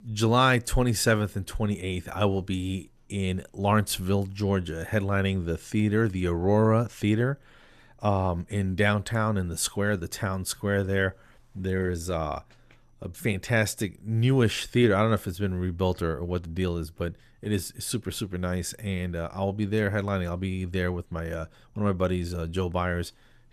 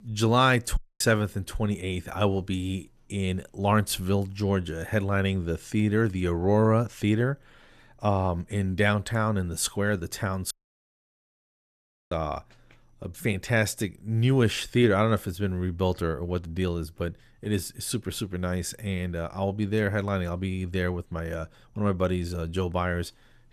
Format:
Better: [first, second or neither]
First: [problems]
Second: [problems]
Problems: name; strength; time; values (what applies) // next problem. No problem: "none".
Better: first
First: none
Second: audio cutting out; at 1 s and at 11 s for 1.5 s